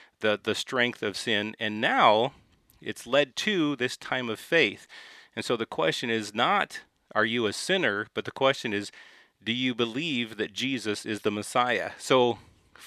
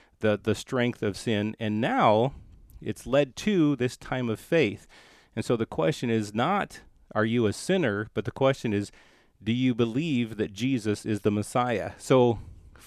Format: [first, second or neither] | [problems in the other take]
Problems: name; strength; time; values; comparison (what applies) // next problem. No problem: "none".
second | thin; very slightly; fading below 400 Hz